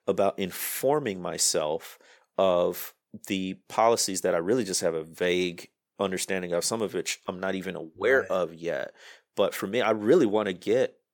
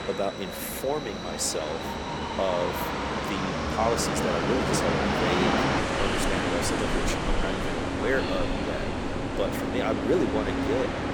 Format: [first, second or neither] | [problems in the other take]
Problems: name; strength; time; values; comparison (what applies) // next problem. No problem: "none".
first | train or aircraft noise; very loud; throughout; 3 dB above the speech